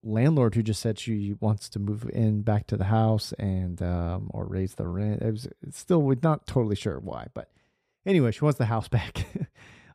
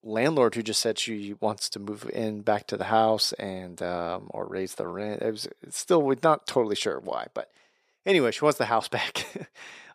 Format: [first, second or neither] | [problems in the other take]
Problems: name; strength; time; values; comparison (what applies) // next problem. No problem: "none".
first | thin; very; fading below 450 Hz